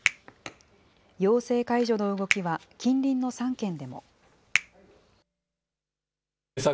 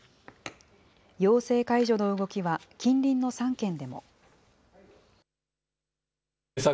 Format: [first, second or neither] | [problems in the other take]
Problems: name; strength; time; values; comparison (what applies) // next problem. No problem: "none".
second | background sound (Finger snapping); 7 dB below the speech